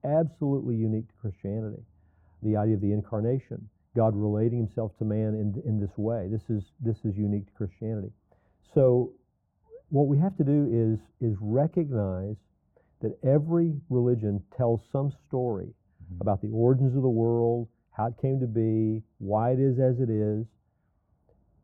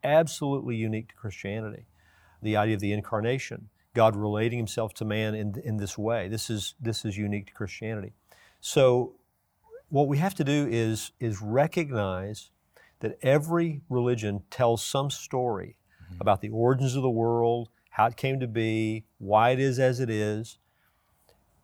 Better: second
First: muffled; very; fading above 1.5 kHz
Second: none

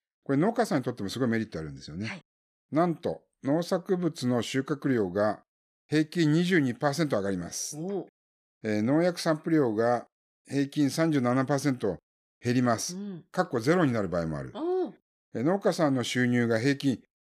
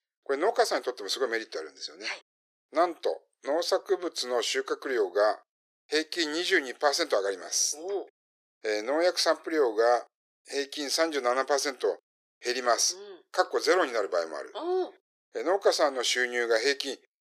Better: first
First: none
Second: thin; very; fading below 400 Hz

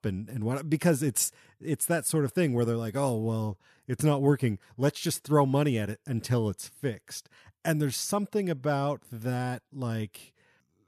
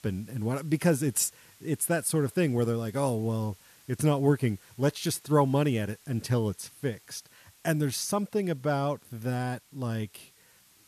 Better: first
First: none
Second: hiss; faint; throughout; 25 dB below the speech

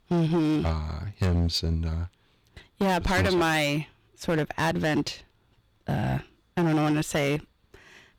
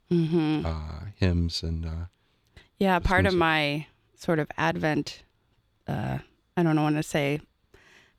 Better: second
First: distortion; heavy; 11% of the sound clipped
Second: none

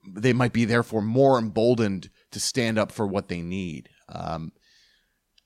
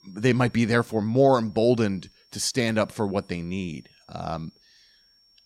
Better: first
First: none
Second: high-pitched whine; faint; throughout; 5.5 kHz, 35 dB below the speech

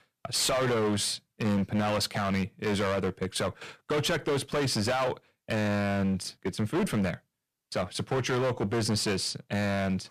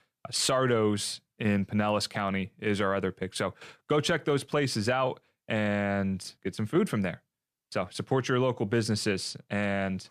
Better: second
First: distortion; heavy; 18% of the sound clipped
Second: none

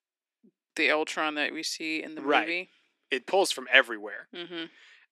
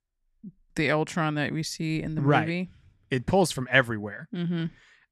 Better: second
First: thin; somewhat; fading below 300 Hz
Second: none

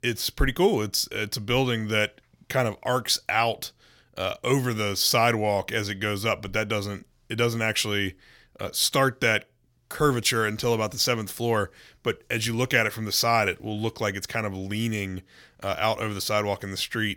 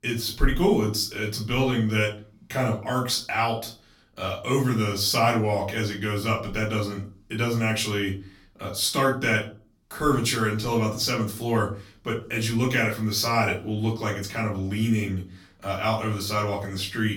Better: first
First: none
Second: off-mic speech; far // room echo; slight; dies away in 0.3 s

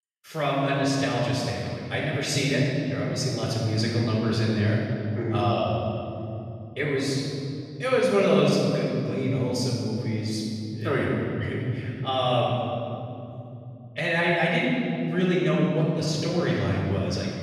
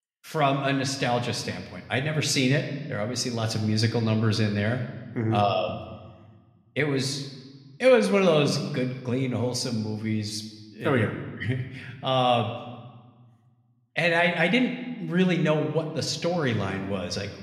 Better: second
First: room echo; strong; dies away in 3 s // off-mic speech; far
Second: room echo; slight; dies away in 1.1 s

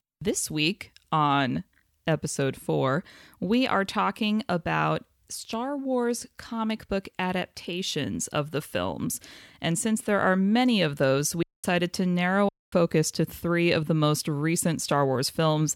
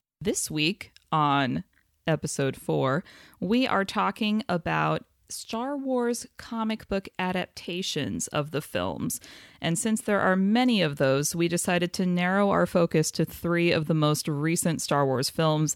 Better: second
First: audio cutting out; at 11 s and at 12 s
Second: none

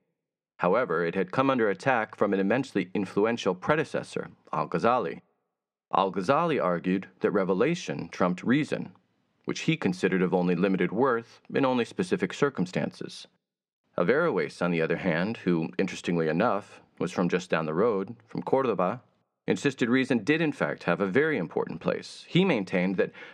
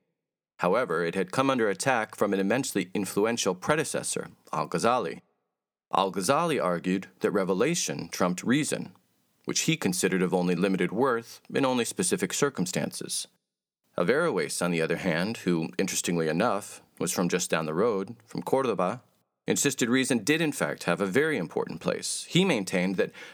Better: second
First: muffled; slightly; fading above 3 kHz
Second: none

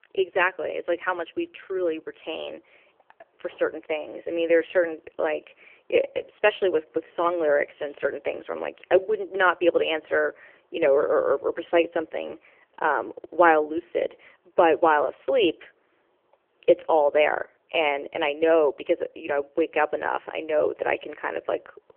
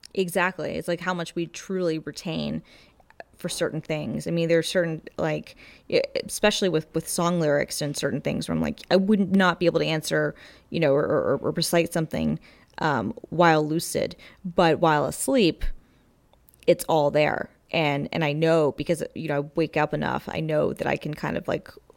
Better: second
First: phone-call audio; poor line; nothing above 3 kHz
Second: none

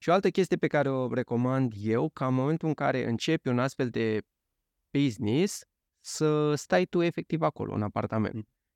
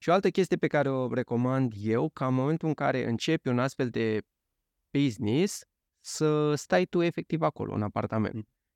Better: neither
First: none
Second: none

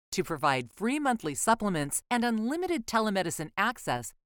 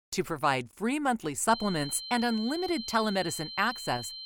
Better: first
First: none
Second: high-pitched whine; loud; from 1.5 s on; 4 kHz, 9 dB below the speech

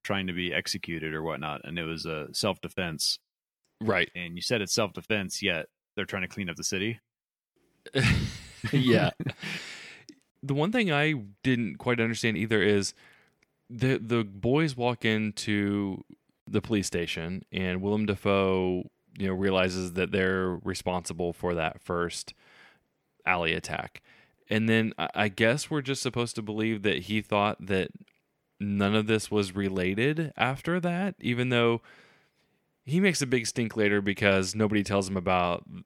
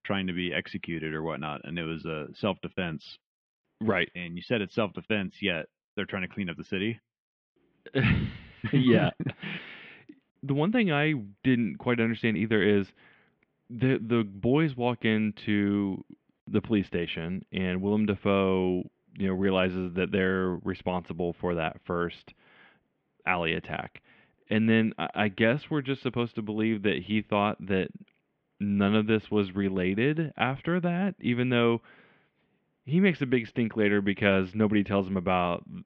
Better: first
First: none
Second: muffled; very; fading above 3 kHz

